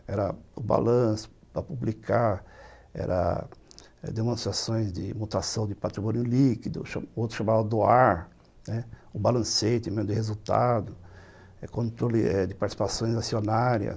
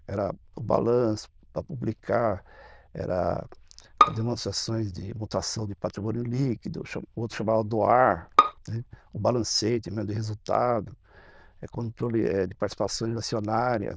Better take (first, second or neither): first